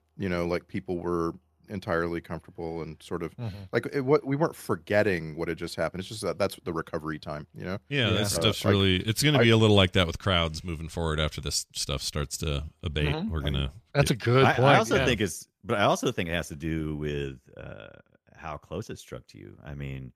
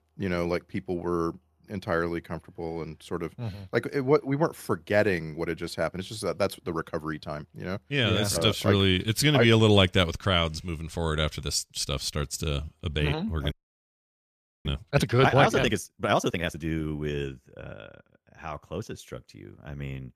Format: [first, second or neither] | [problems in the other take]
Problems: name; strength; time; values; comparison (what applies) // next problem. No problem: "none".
first | audio freezing; at 14 s for 1 s